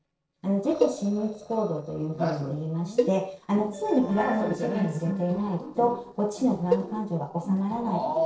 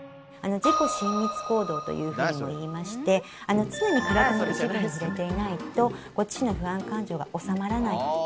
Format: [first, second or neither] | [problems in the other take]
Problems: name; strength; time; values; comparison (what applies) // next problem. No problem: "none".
second | noise reduction (neural separator model SepFormer DNS4)